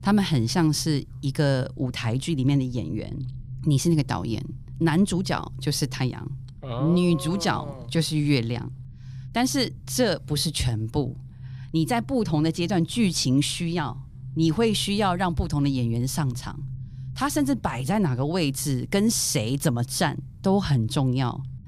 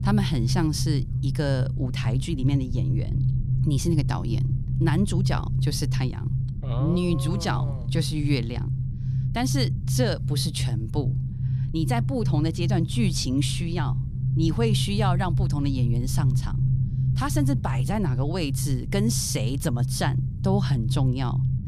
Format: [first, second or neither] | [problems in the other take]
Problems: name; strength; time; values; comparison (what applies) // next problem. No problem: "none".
first | low rumble; loud; throughout; 7 dB below the speech; faint in the first